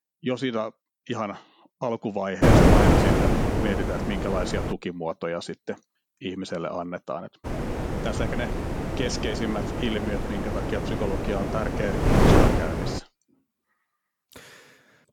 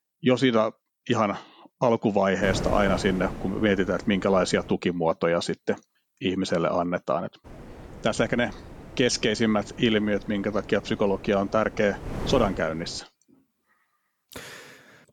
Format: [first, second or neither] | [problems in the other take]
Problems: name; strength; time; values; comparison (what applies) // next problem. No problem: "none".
second | wind noise on the microphone; heavy; from 2.5 to 4.5 s and from 7.5 to 13 s; 4 dB above the speech; occasional gusts in the second